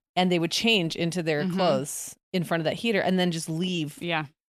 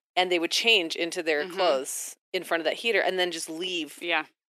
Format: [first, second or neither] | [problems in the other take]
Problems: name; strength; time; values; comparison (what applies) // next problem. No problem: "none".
first | thin; very; fading below 350 Hz